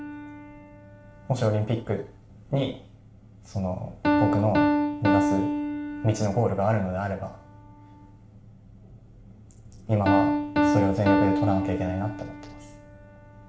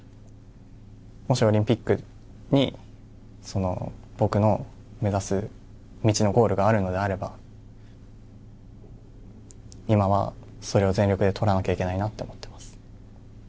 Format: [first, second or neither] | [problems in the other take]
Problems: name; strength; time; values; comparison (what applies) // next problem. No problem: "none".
second | background sound (Piano); as loud as the speech // room echo; dies away in 0.4 s